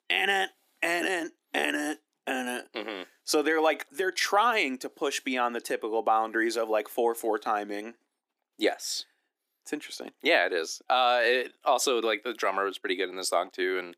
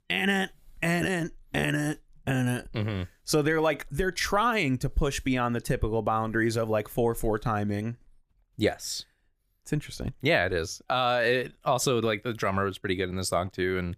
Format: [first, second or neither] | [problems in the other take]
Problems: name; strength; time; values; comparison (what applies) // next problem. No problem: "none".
second | thin; somewhat; fading below 300 Hz